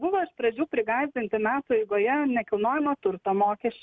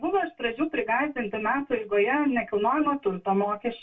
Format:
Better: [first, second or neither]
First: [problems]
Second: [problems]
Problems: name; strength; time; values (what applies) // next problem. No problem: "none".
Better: first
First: none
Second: room echo; dies away in 0.1 s